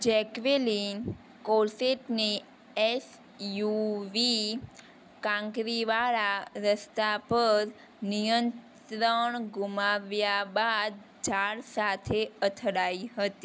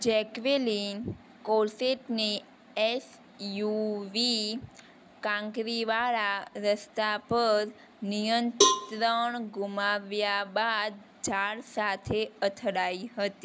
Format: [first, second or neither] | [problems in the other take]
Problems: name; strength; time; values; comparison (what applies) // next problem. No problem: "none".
first | background sound (Cowbell); as loud as the speech